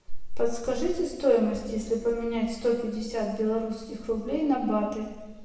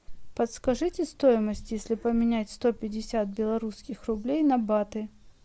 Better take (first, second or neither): second